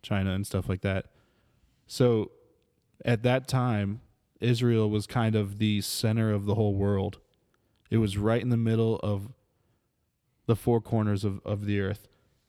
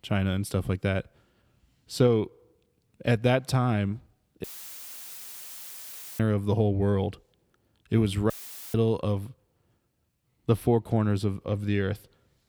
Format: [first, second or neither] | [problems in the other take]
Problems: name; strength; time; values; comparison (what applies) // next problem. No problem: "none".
first | audio cutting out; filled with static; at 4.5 s for 2 s and at 8.5 s